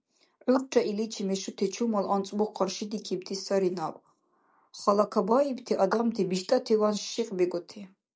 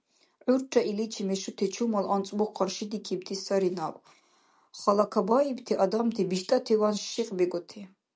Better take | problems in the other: second | noise reduction (neural mask model Resemble Enhance denoiser)

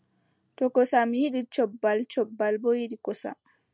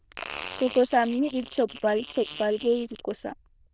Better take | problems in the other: first | noise reduction (neural diffusion model UNIVERSE++)

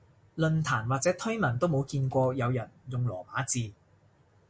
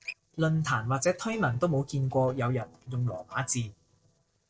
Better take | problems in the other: first | noise reduction (neural separator model SepFormer DNS4)

